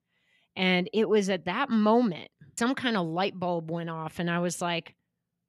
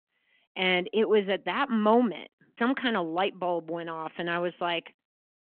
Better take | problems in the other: first | phone-call audio

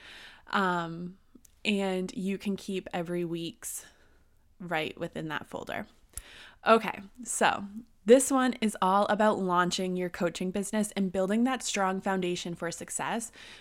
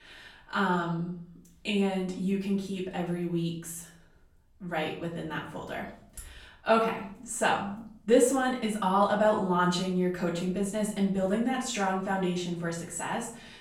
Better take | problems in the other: first | off-mic speech; far // room echo; slight; dies away in 0.6 s

